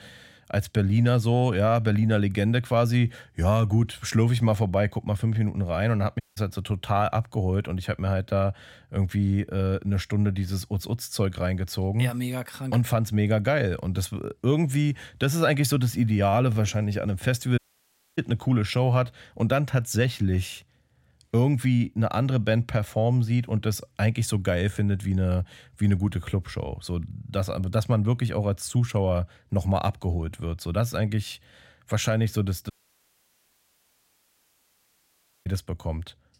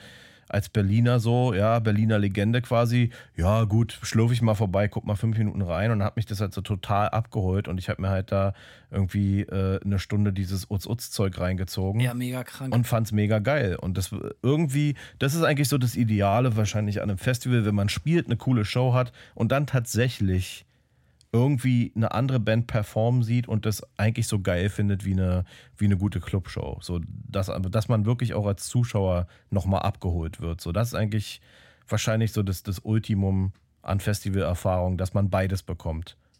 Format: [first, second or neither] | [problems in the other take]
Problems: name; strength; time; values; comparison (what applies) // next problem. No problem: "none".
second | audio cutting out; at 6 s, at 18 s for 0.5 s and at 33 s for 3 s